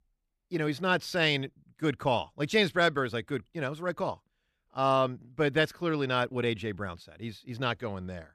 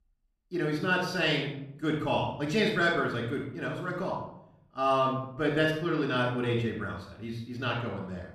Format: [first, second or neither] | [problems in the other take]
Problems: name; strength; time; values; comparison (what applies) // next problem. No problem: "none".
first | off-mic speech; far // room echo; noticeable; dies away in 0.6 s